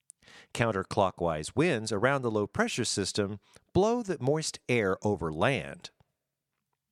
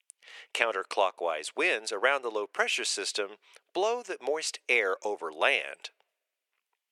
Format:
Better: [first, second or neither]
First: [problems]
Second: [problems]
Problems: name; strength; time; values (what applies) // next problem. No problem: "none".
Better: first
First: none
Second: thin; very; fading below 400 Hz